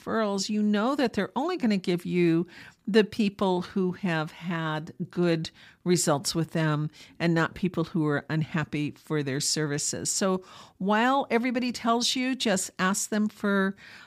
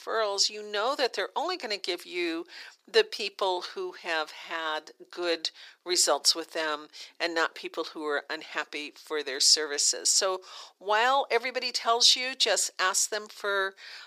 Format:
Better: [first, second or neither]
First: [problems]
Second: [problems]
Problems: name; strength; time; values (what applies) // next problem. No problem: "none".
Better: first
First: none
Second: thin; very; fading below 400 Hz